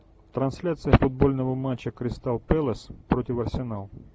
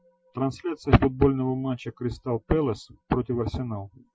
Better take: first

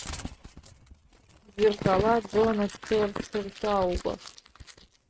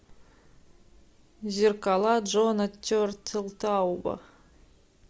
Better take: second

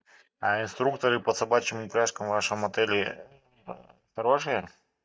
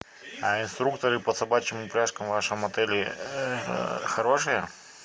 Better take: second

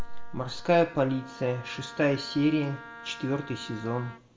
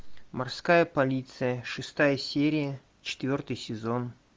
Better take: second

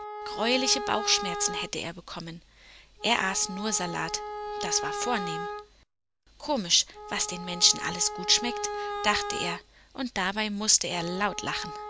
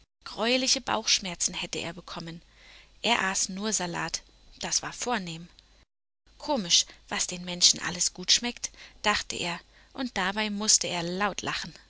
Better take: second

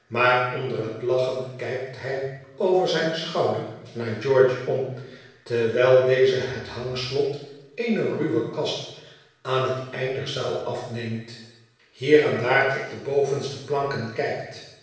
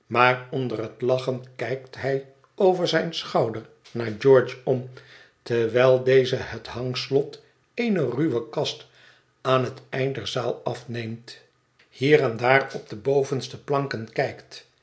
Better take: second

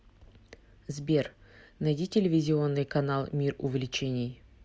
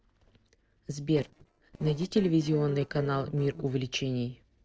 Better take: first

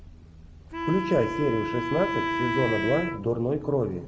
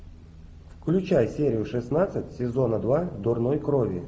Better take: second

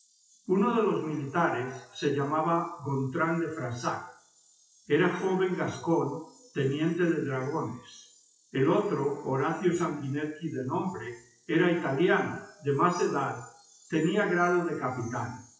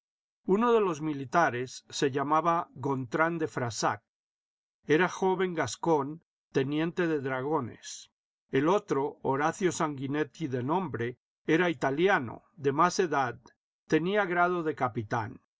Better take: second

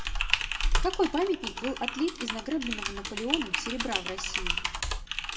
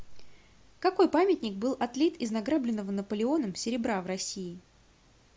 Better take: second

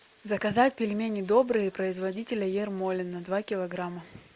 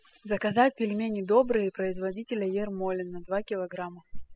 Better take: first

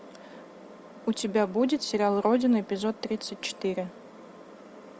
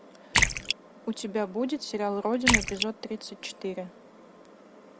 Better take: first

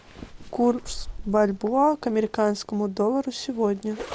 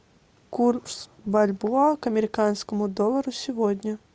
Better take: second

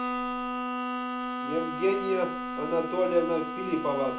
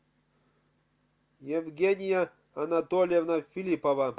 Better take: second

